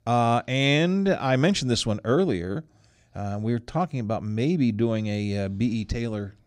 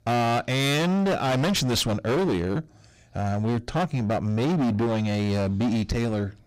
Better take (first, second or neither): first